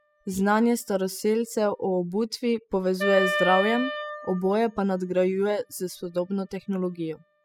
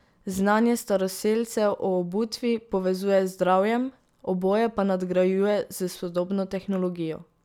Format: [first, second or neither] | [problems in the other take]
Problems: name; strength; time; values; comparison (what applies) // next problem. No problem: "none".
second | noise reduction (classical method spectral subtraction)